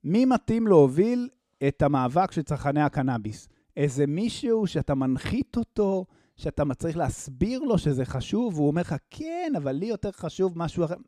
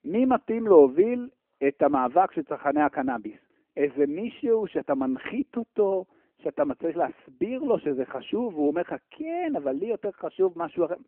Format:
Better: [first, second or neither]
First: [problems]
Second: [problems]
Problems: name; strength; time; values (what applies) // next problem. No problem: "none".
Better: first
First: none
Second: phone-call audio